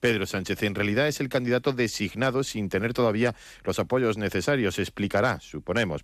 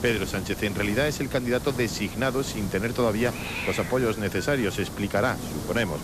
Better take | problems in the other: first | hiss; loud; throughout; 8 dB below the speech

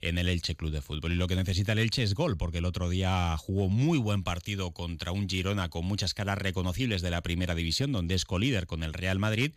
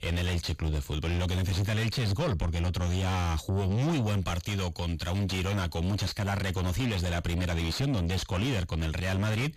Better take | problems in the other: first | distortion; heavy; 7 dB below the speech

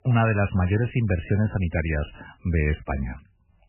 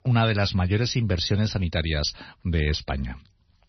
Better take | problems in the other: second | garbled, watery; badly; nothing above 3 kHz; slightly in the second

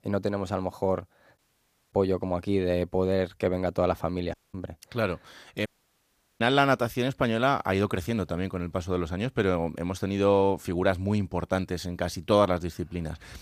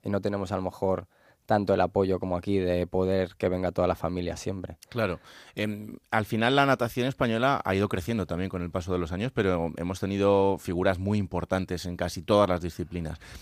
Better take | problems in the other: second | audio cutting out; at 1.5 s for 0.5 s, at 4.5 s and at 5.5 s for 0.5 s

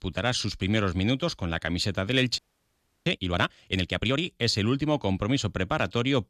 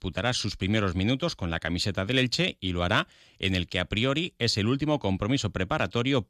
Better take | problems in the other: second | audio freezing; at 2.5 s for 0.5 s

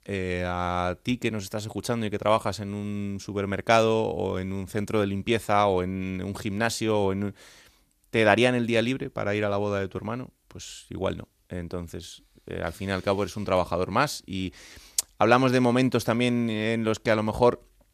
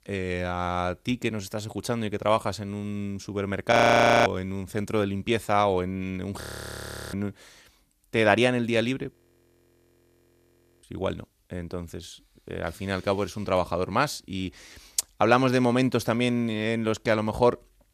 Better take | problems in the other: first | audio freezing; at 3.5 s for 0.5 s, at 6.5 s for 0.5 s and at 9 s for 1.5 s

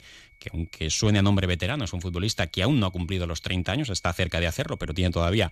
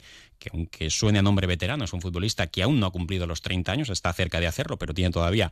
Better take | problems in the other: second | high-pitched whine; faint; throughout; 2.5 kHz, 30 dB below the speech

